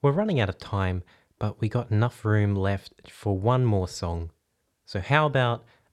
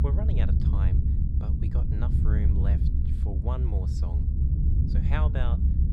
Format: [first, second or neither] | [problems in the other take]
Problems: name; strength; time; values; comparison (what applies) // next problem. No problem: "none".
first | low rumble; loud; throughout; as loud as the speech